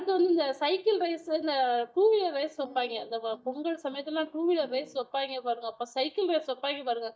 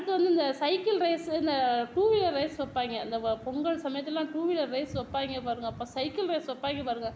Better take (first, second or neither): second